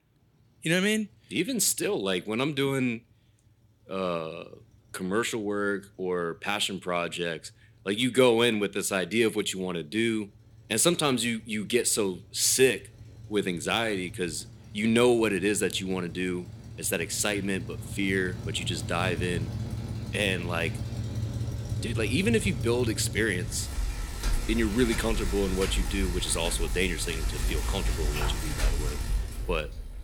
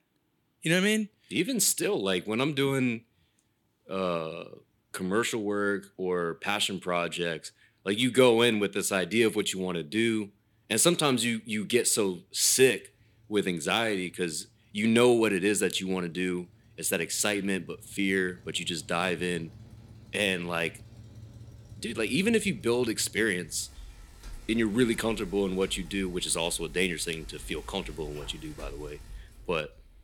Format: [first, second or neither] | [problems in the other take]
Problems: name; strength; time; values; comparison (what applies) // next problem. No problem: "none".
second | traffic noise; loud; throughout; 7 dB below the speech; faint in the second